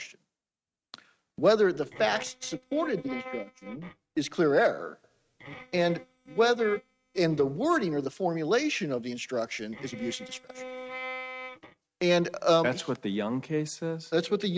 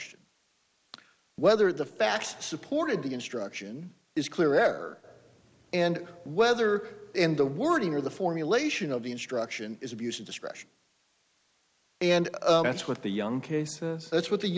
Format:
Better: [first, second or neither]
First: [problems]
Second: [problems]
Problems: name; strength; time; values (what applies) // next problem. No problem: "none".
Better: second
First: noise reduction (neural mask model RNNoise)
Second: none